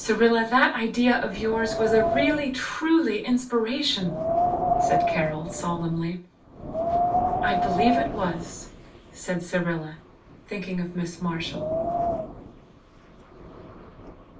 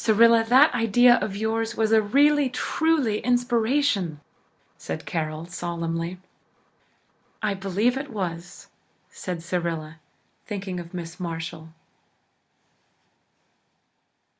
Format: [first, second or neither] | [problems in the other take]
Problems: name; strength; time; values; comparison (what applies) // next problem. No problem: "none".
second | background sound (Wind); 2 dB below the speech // room echo; dies away in 0.3 s